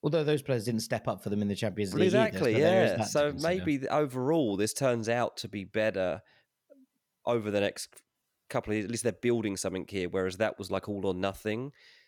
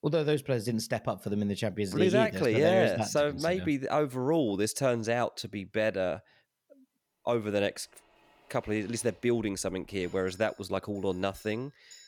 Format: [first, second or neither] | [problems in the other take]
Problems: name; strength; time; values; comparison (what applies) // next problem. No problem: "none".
first | household noises; faint; from 8 s on; 30 dB below the speech